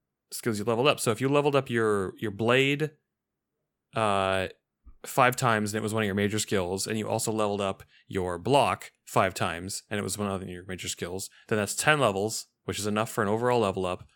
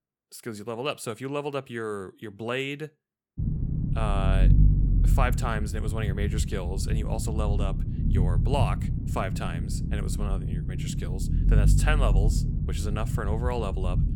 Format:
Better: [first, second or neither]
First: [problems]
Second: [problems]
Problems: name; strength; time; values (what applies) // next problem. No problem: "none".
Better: first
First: none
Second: low rumble; loud; from 3.5 s on; 7 dB below the speech